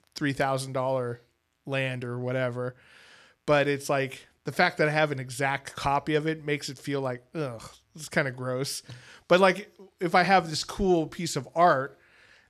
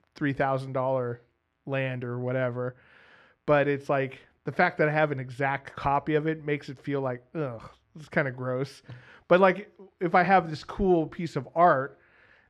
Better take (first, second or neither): first